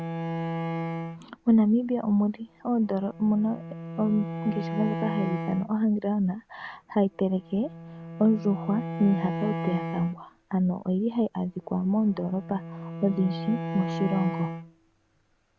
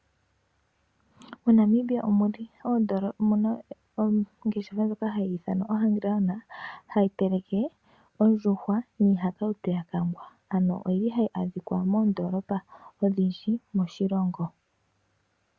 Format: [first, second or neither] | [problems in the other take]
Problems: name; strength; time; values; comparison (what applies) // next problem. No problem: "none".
second | background sound (Bowed string instrument); 8 dB below the speech